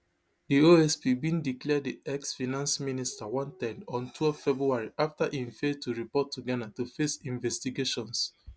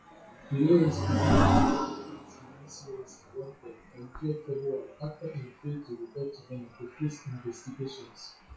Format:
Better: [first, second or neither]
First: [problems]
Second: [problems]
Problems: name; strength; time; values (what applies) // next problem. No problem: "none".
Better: first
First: none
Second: noise reduction (classical method WPE with log-MMSE)